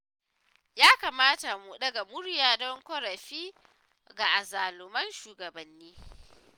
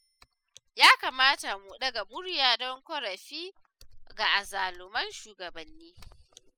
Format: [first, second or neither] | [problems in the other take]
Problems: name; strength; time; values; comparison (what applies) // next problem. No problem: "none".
first | noise reduction (classical method spectral subtraction)